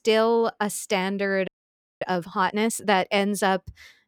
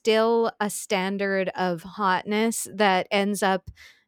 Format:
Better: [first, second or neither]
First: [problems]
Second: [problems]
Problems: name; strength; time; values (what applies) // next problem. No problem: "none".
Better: second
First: audio freezing; at 1.5 s for 0.5 s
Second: none